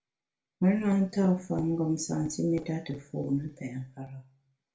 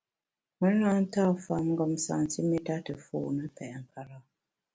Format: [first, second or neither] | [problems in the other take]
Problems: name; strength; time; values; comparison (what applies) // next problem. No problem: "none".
second | room echo; dies away in 0.3 s